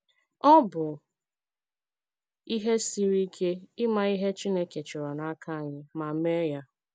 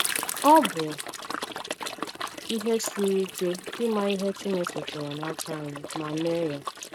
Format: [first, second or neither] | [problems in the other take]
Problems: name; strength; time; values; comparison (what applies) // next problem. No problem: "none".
first | noise reduction (neural mask model RNNoise)